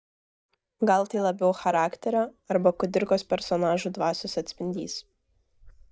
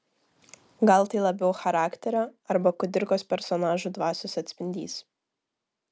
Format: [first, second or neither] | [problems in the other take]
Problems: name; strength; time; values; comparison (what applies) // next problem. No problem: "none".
second | noise reduction (neural mask model DeepFilterNet 3)